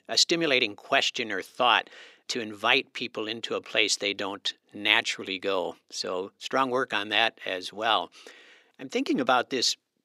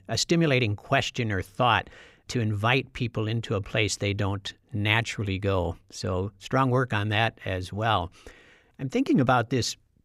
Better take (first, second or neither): second